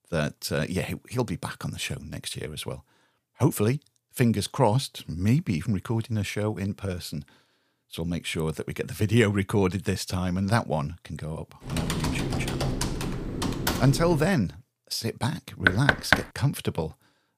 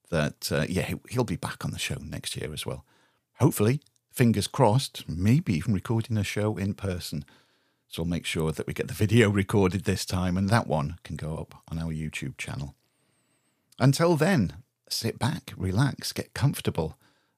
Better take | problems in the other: second | keyboard typing; loud; from 12 to 14 s; peak level with the speech // door banging; loud; at 16 s; peak 5 dB above the speech

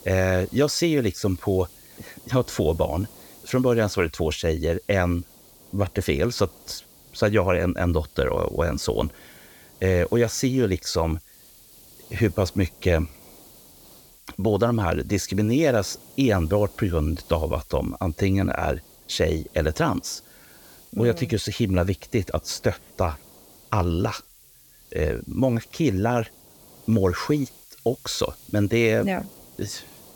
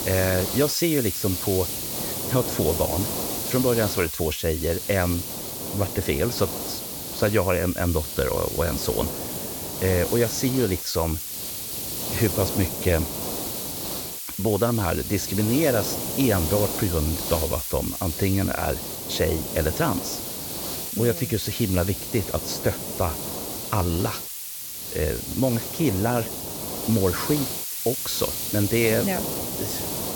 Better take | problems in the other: first | hiss; loud; throughout; 3 dB below the speech; faint in the first

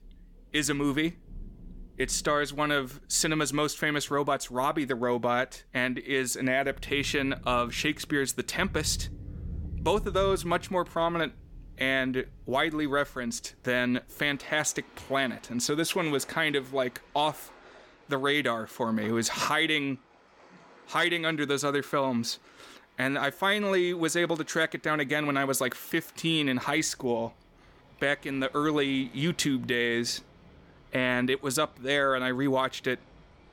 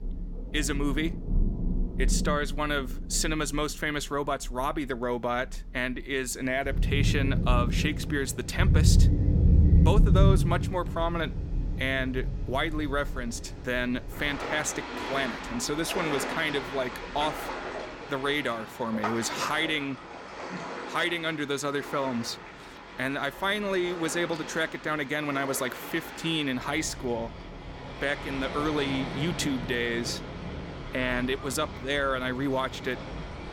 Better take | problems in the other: first | rain or running water; loud; throughout; 1 dB below the speech; faint in the first

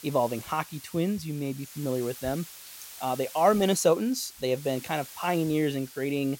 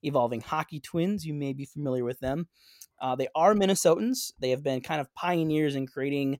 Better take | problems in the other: second | hiss; noticeable; throughout; 15 dB below the speech

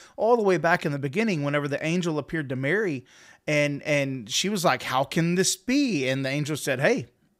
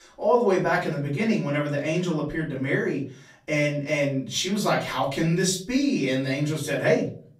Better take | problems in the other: first | off-mic speech; far // room echo; slight; dies away in 0.4 s

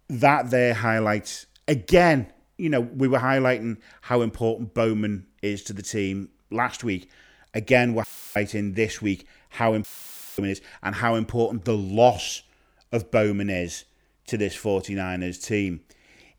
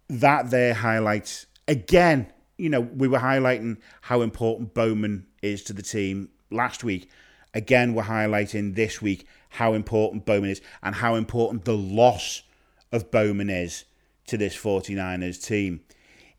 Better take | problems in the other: second | audio cutting out; filled with static; at 8 s and at 10 s for 0.5 s

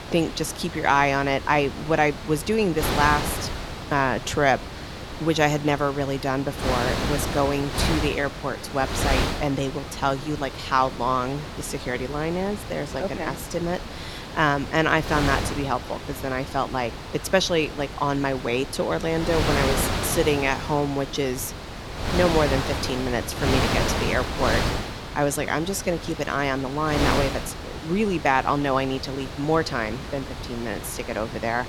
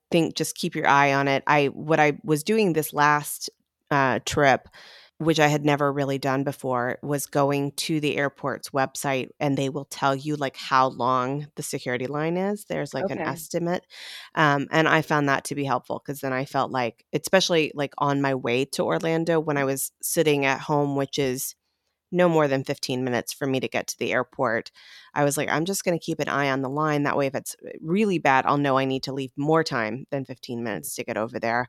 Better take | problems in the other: second | wind noise on the microphone; heavy; 7 dB below the speech

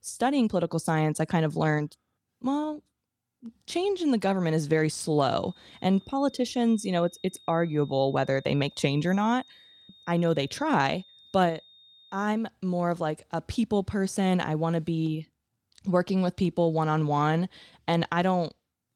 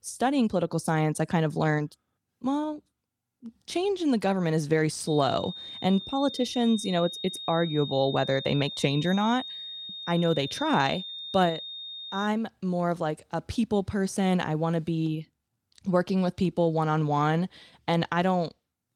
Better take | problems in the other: first | high-pitched whine; loud; from 5 to 12 s; 3.5 kHz, 9 dB below the speech; faint in the first

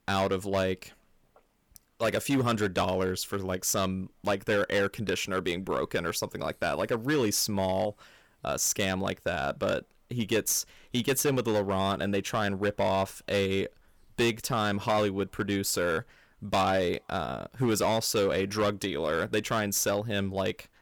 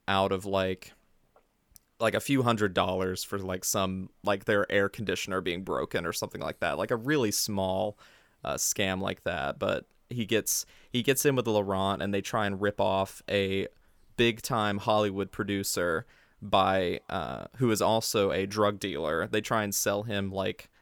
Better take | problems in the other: second | distortion; slight; 6% of the sound clipped

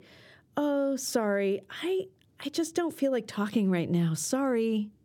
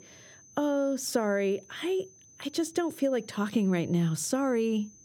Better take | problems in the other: first | high-pitched whine; faint; throughout; 6 kHz, 25 dB below the speech

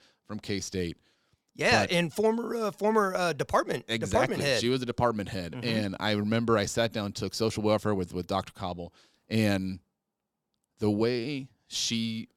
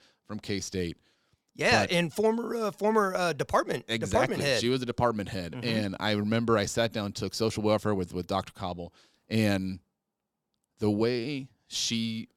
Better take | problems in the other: neither | none

